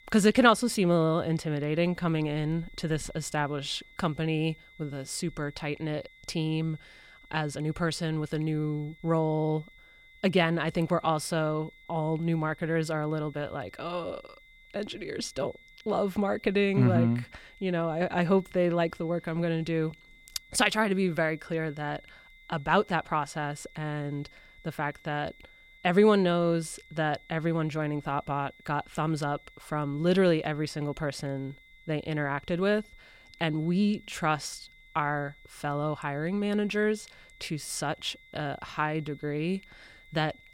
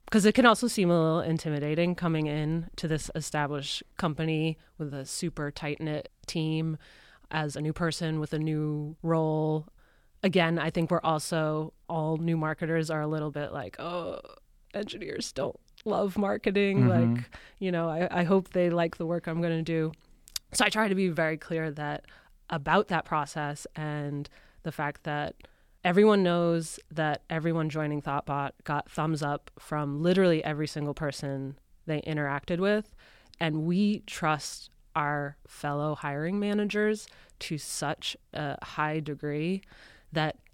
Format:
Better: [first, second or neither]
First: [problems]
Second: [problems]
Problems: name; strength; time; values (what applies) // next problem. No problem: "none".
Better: second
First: high-pitched whine; faint; throughout; 2 kHz, 25 dB below the speech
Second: none